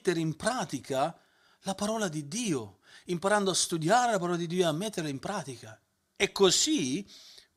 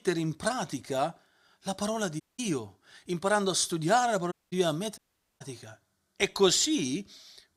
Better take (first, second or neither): first